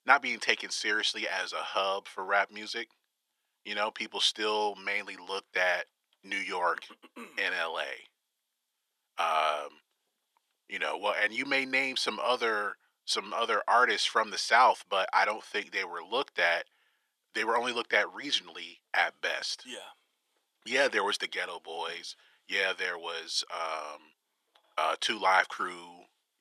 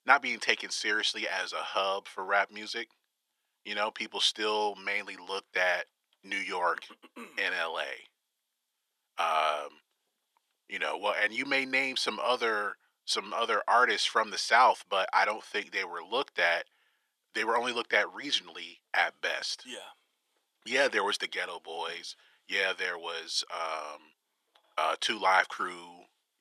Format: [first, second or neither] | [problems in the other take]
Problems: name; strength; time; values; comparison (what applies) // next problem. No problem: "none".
neither | thin; very; fading below 450 Hz; the same in both